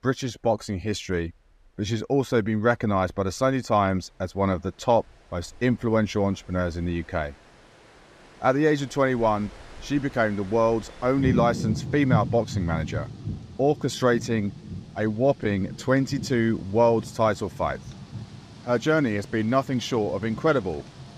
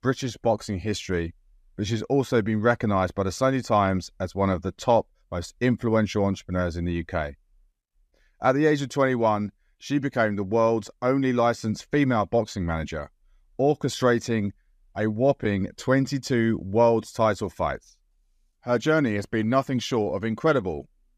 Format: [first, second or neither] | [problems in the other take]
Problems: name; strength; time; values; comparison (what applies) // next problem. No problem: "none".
second | rain or running water; noticeable; throughout; 10 dB below the speech